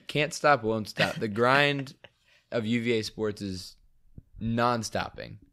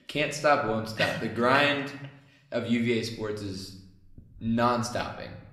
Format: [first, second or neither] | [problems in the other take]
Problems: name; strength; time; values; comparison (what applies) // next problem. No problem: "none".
first | room echo; slight; dies away in 0.7 s